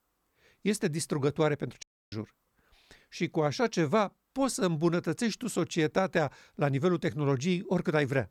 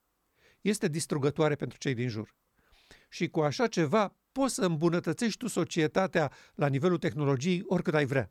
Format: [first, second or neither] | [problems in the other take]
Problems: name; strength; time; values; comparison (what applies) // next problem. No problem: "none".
second | audio cutting out; at 2 s